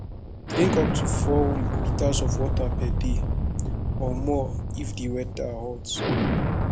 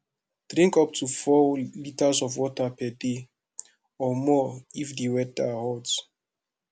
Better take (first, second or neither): second